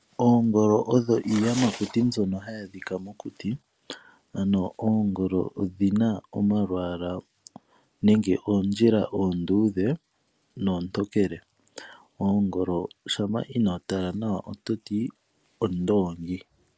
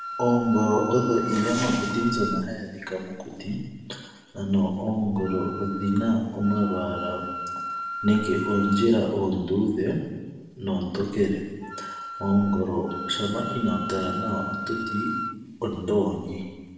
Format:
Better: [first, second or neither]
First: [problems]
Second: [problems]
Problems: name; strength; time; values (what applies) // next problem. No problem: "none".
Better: first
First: none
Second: background sound (Wind instrument, woodwind instrument); 10 dB below the speech // room echo; dies away in 1.1 s